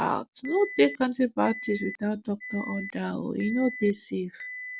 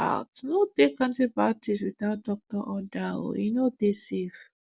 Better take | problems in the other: second | background sound (Alarm); 13 dB below the speech

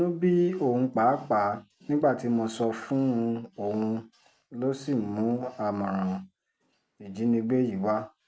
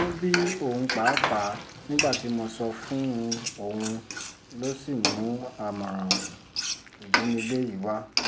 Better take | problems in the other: first | background sound (Frying (food)); 2 dB below the speech

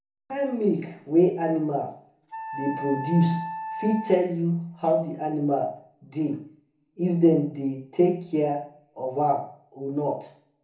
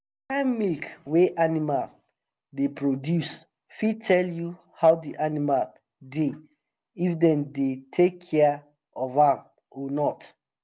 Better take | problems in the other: second | background sound (Wind instrument, woodwind instrument); 11 dB below the speech // room echo; dies away in 0.7 s

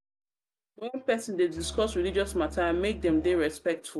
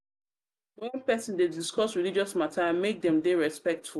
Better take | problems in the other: second | background sound (Musical instrument); 13 dB below the speech

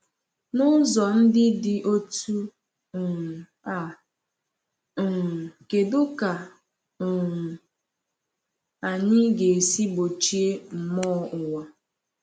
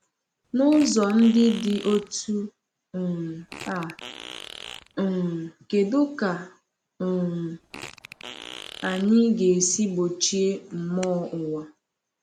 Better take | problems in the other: first | background sound (Fart); 17 dB below the speech

